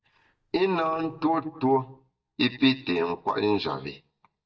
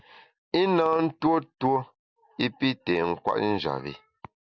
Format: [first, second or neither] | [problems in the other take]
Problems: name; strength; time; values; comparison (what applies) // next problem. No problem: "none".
second | noise reduction (neural mask model DeepFilterNet 3)